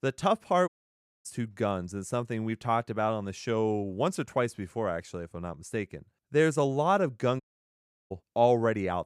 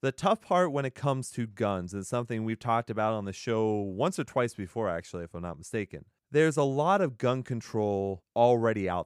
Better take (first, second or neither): second